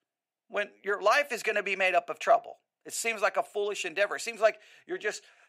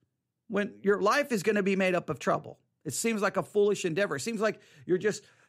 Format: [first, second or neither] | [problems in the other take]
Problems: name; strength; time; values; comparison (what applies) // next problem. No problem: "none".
second | thin; very; fading below 550 Hz